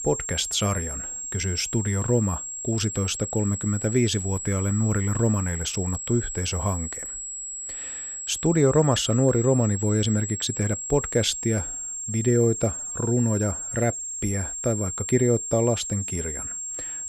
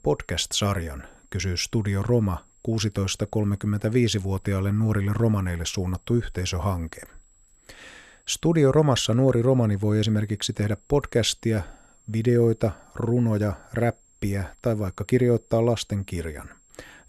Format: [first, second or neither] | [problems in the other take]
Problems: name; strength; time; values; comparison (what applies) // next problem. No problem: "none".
second | high-pitched whine; loud; throughout; 7.5 kHz, 5 dB below the speech; faint in the second